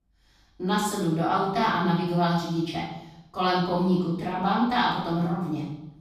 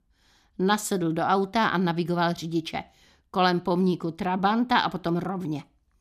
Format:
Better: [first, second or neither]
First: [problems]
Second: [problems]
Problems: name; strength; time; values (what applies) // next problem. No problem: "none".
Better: second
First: off-mic speech; far // room echo; noticeable; dies away in 0.8 s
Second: none